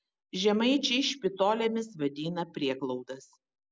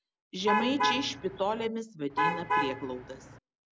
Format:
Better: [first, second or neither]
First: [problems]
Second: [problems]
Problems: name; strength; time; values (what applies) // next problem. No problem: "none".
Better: first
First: none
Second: background sound (Alarm / Truck); 2 dB above the speech